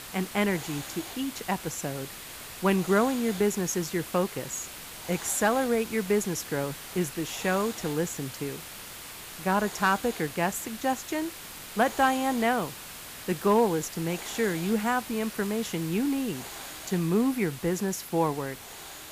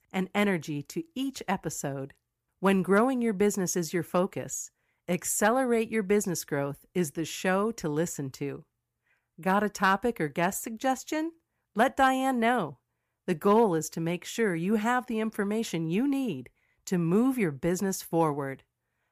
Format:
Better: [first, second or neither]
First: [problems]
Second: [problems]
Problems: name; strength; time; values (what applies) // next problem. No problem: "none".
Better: second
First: hiss; noticeable; throughout; 10 dB below the speech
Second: none